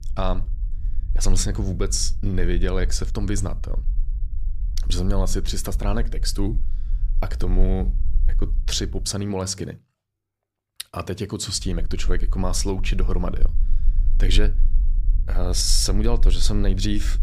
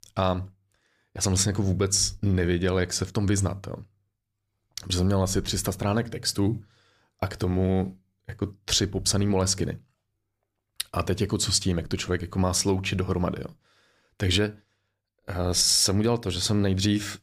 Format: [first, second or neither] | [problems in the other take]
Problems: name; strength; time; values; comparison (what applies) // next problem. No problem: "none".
second | low rumble; faint; until 9 s and from 12 s on; 20 dB below the speech